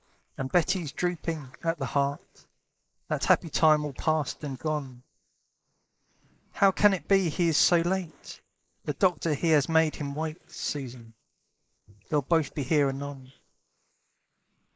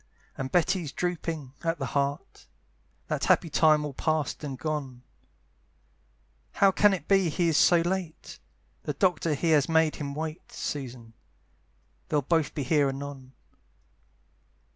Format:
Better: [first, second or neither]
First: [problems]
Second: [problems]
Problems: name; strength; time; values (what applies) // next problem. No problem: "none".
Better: second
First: noise reduction (neural mask model Resemble Enhance denoiser)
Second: none